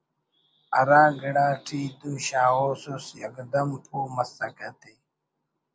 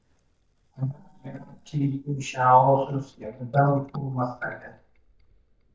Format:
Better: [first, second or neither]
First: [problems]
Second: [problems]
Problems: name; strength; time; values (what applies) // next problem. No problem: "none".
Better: first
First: none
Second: noise reduction (neural mask model DeepFilterNet 3)